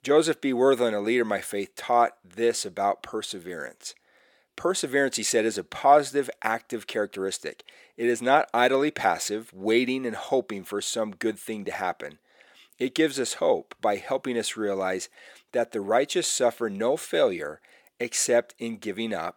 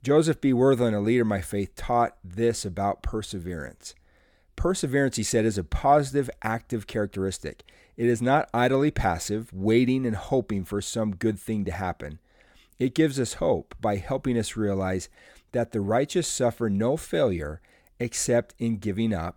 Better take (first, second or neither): second